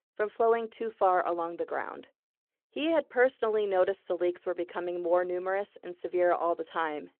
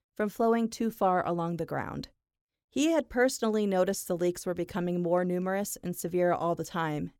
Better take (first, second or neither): second